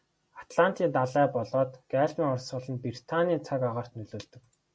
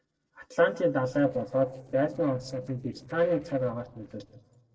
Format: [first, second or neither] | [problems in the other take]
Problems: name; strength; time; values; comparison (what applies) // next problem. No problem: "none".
first | noise reduction (neural separator model SepFormer DNS4)